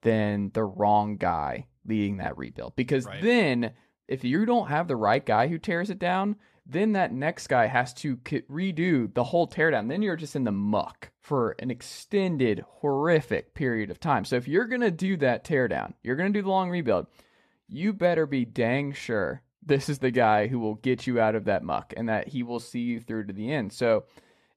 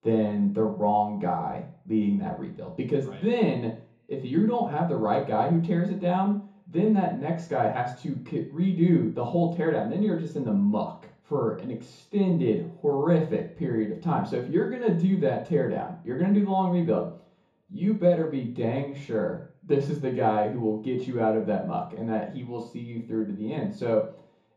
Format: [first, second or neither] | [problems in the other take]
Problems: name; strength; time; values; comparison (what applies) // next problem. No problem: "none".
first | room echo; slight; dies away in 0.6 s // off-mic speech; far